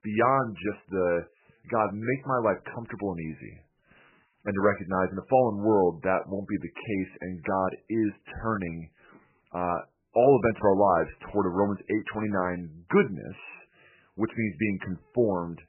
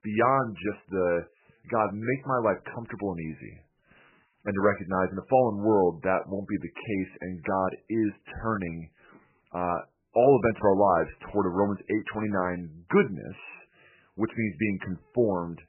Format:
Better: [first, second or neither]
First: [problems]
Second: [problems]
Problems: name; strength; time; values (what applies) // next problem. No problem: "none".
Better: neither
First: garbled, watery; badly; nothing above 2.5 kHz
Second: garbled, watery; badly; nothing above 2.5 kHz